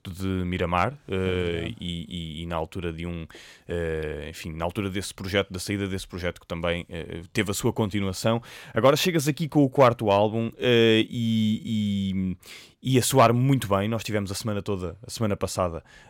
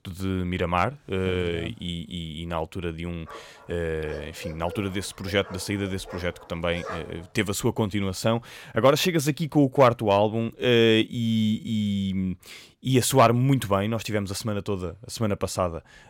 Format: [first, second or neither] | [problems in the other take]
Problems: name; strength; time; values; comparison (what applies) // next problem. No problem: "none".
first | dog barking; faint; from 3.5 to 7 s; peak 10 dB below the speech